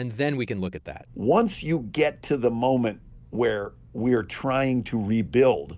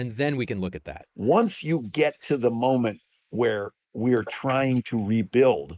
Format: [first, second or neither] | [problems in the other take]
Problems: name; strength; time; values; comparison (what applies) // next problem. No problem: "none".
first | noise reduction (neural mask model Resemble Enhance denoiser)